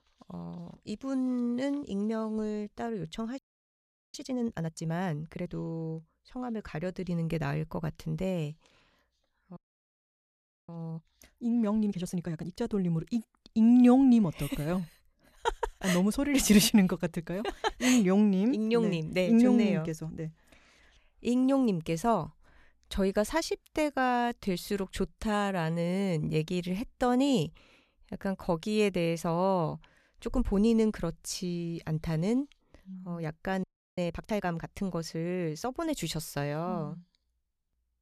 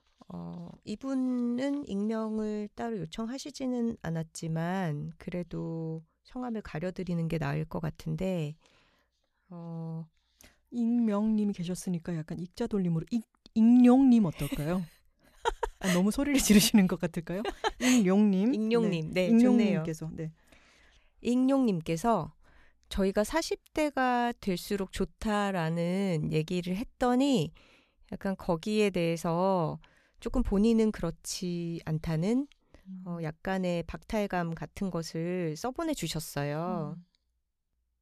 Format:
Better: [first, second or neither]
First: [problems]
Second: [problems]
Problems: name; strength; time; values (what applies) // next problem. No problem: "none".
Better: second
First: audio freezing; at 3.5 s for 1 s, at 9.5 s for 1 s and at 34 s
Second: none